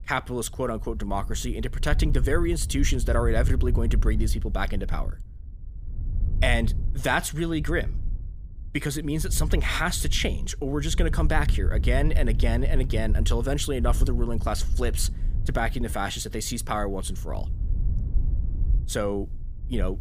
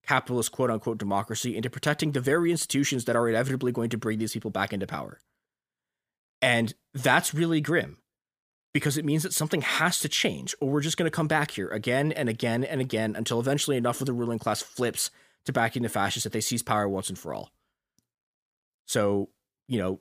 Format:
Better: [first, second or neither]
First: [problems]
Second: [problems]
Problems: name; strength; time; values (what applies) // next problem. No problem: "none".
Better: second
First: wind noise on the microphone; occasional gusts; 20 dB below the speech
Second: none